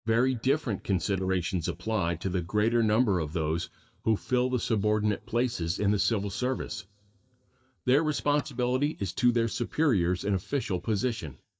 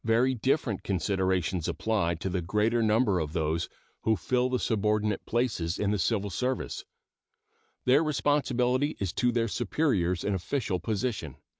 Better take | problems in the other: second | noise reduction (neural mask model DeepFilterNet 3)

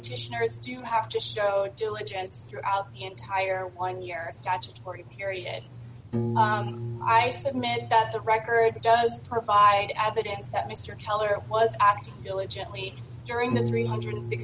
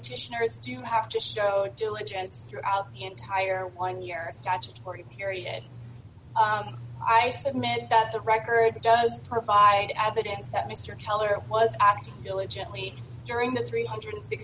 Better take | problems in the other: second | background sound (Piano); 11 dB below the speech

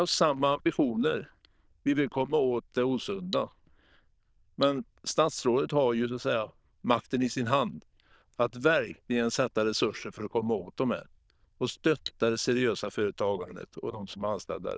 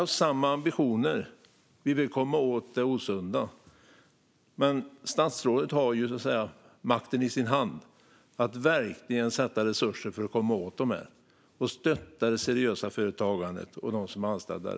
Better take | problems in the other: second | noise reduction (neural diffusion model UNIVERSE++)

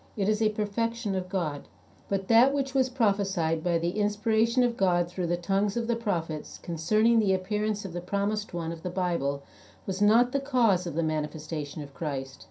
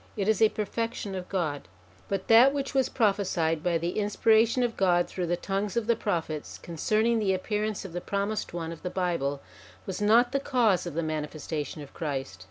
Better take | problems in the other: second | room echo; dies away in 0.3 s

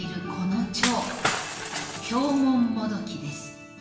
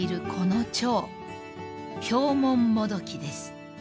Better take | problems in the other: second | background sound (Shatter / Crushing); 4 dB below the speech // room echo; dies away in 0.9 s

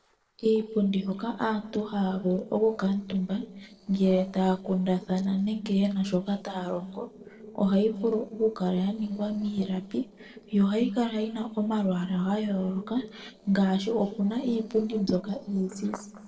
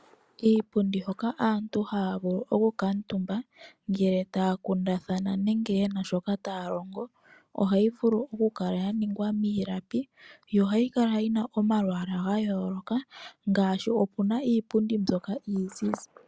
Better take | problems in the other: second | noise reduction (neural separator model SepFormer DNS4)

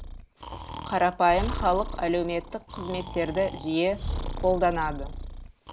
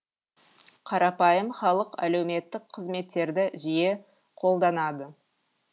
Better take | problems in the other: second | background sound (Breathing); 7 dB below the speech

